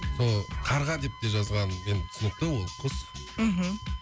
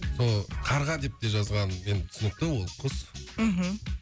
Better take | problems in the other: second | background sound (Wind instrument, woodwind instrument); 18 dB below the speech

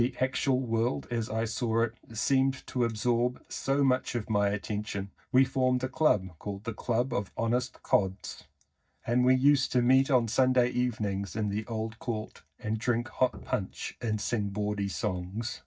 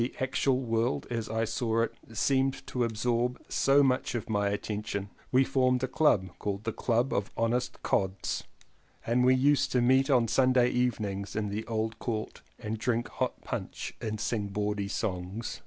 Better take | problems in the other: second | noise reduction (neural mask model DeepFilterNet 3)

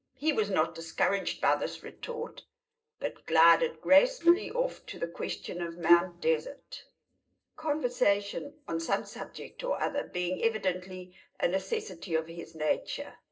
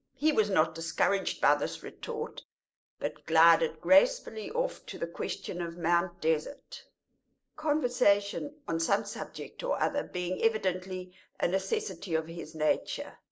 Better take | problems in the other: second | background sound (Wind instrument, woodwind instrument); 3 dB above the speech // room echo; dies away in 0.2 s

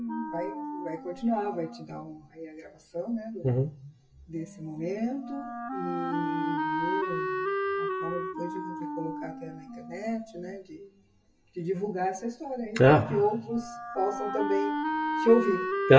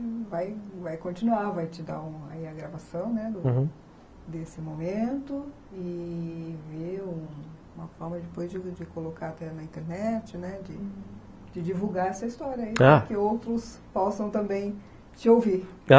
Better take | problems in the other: second | noise reduction (classical method WPE with log-MMSE)

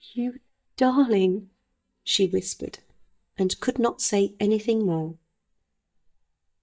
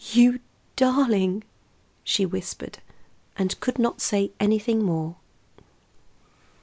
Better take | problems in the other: second | noise reduction (neural mask model DeepFilterNet 3)

